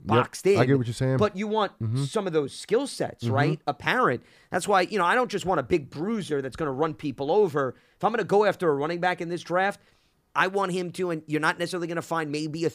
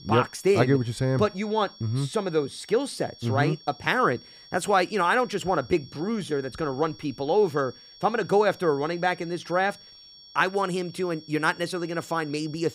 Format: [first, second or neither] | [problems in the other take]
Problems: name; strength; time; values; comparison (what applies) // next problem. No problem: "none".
first | high-pitched whine; faint; throughout; 5.5 kHz, 20 dB below the speech